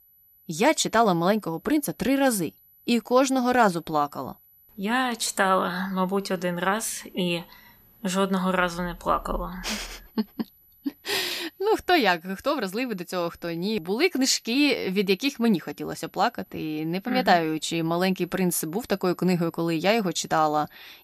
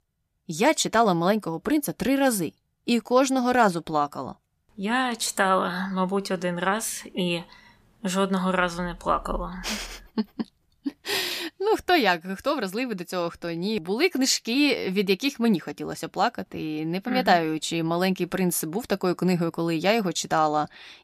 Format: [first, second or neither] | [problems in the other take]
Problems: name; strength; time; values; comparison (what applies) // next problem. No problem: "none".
second | high-pitched whine; faint; throughout; 12 kHz, 30 dB below the speech